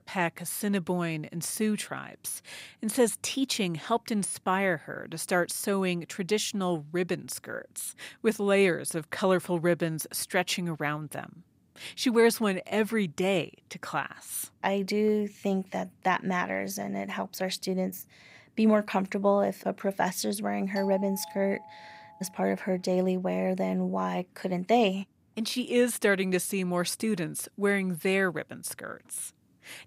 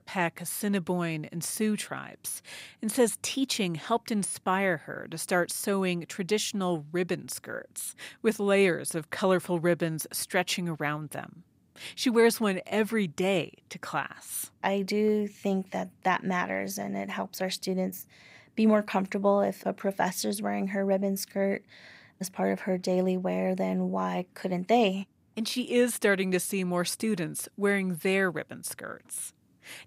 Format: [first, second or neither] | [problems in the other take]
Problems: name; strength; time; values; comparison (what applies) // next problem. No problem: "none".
second | doorbell; faint; from 21 to 22 s; peak 10 dB below the speech